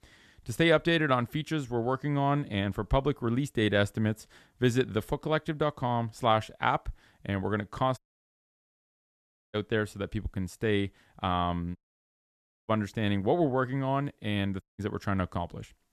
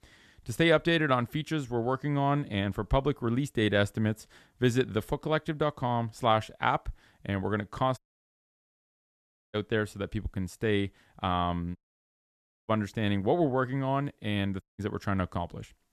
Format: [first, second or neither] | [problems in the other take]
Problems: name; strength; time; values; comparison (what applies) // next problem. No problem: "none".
neither | audio cutting out; at 8 s for 1.5 s, at 12 s for 1 s and at 15 s; the same in both